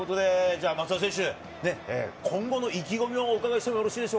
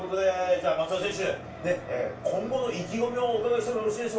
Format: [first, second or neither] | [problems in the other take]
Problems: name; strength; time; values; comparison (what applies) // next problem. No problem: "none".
first | background sound (Engine); 17 dB below the speech // room echo; dies away in 0.3 s